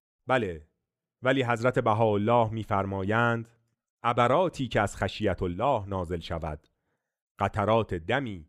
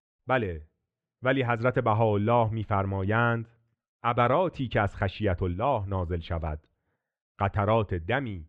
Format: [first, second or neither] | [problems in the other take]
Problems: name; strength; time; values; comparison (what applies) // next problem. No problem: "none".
first | muffled; slightly; fading above 2.5 kHz